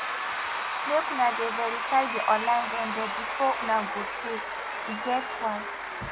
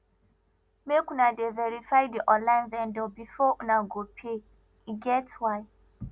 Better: second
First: background sound (Applause / Crowd / Cheering); 2 dB below the speech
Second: none

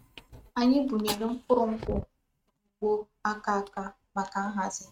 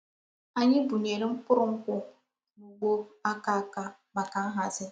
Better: second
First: noise reduction (neural mask model RNNoise)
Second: none

